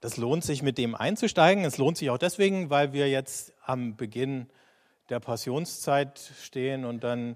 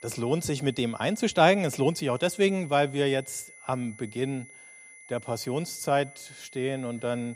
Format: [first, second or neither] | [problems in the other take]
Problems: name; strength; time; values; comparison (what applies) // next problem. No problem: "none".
first | high-pitched whine; faint; throughout; 2 kHz, 20 dB below the speech